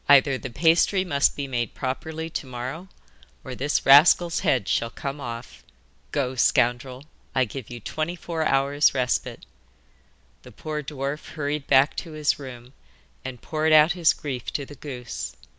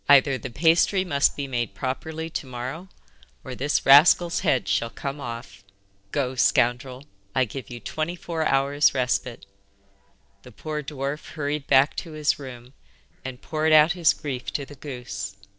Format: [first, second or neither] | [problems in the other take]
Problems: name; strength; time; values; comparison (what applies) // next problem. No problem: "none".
first | noise reduction (neural separator model SepFormer DNS4)